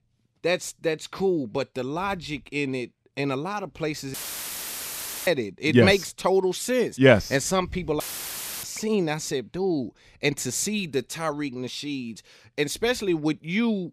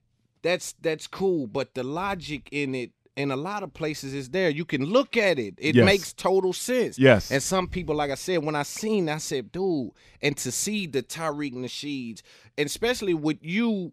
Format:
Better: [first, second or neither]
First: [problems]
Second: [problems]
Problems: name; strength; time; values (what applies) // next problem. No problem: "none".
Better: second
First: audio cutting out; filled with static; at 4 s for 1 s and at 8 s for 0.5 s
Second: none